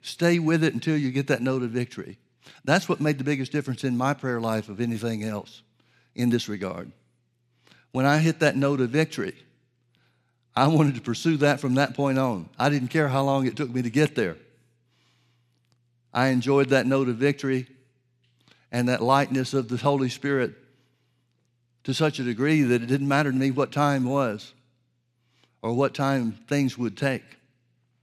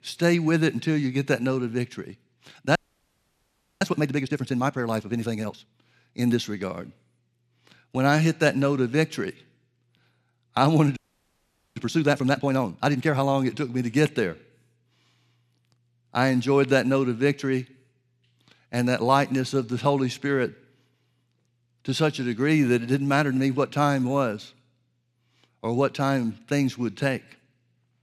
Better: first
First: none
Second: audio freezing; at 3 s for 1 s and at 11 s for 1 s

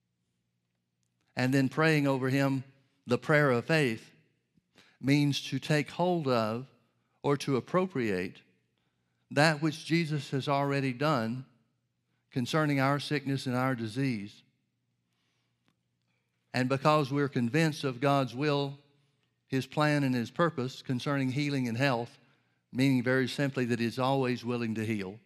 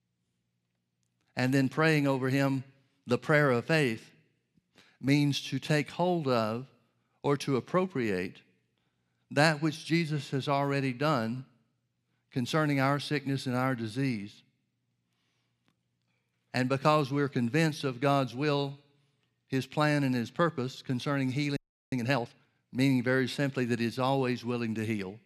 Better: first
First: none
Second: audio freezing; at 22 s

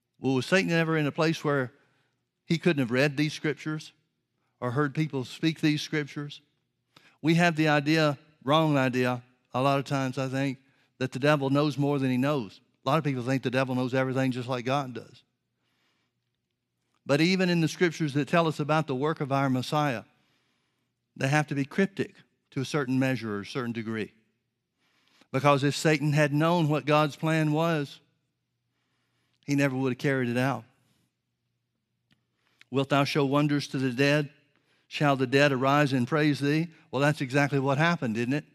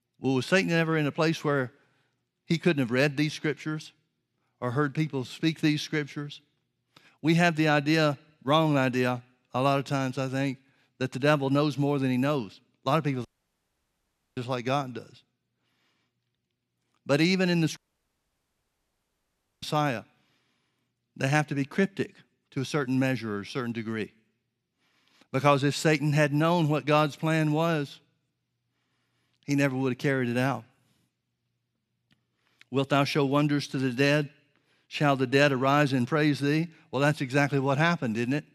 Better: first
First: none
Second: audio cutting out; at 13 s for 1 s and at 18 s for 2 s

